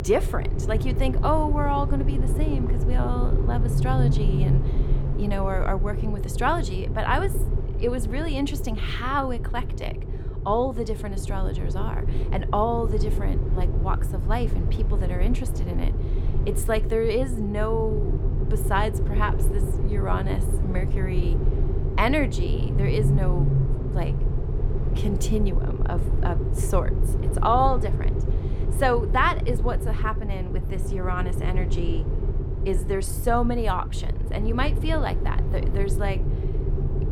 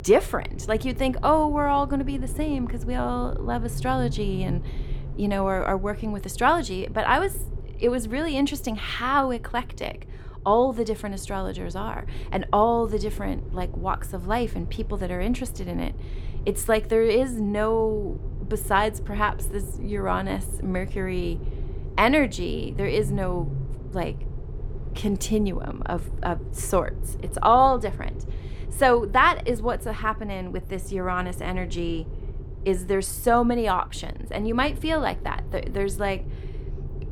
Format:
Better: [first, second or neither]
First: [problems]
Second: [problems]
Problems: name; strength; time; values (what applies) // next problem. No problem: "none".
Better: second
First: low rumble; loud; throughout; 9 dB below the speech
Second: low rumble; faint; throughout; 20 dB below the speech